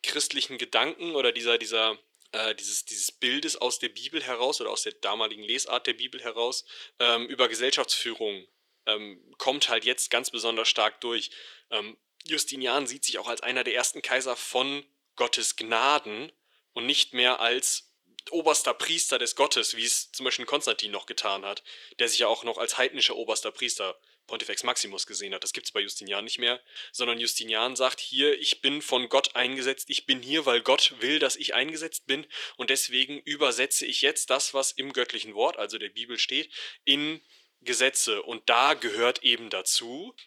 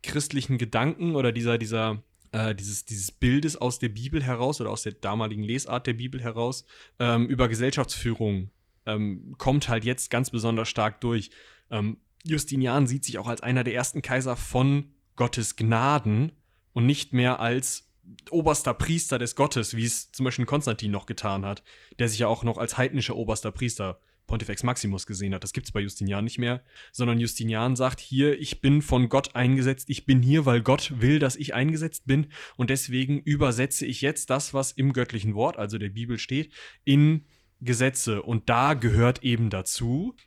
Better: second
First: thin; very; fading below 400 Hz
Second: none

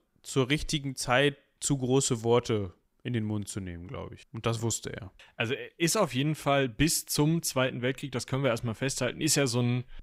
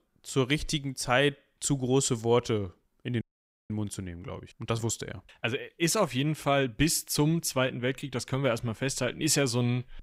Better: first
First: none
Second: audio freezing; at 3 s

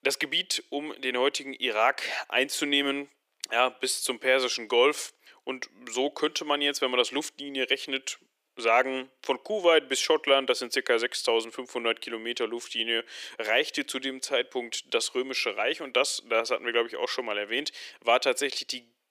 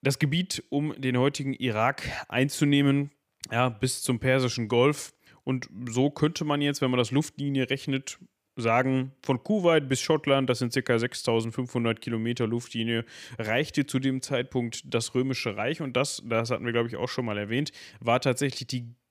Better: second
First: thin; somewhat; fading below 350 Hz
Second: none

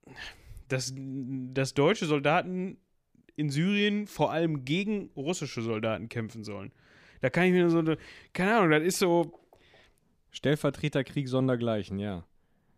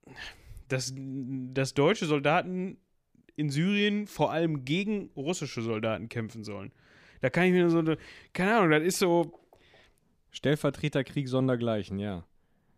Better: neither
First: none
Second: none

